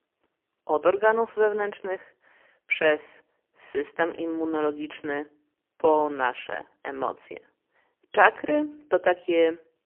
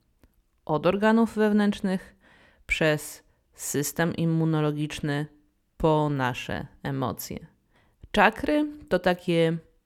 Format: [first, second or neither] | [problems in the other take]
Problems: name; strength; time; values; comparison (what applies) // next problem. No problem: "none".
second | phone-call audio; poor line; nothing above 3 kHz